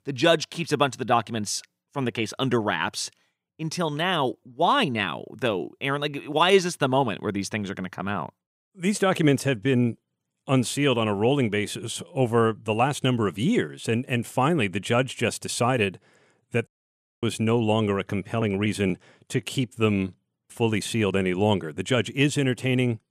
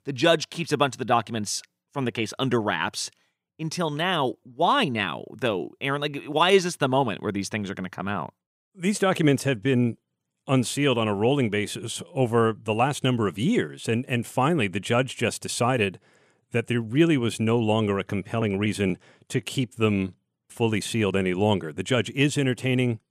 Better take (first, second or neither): second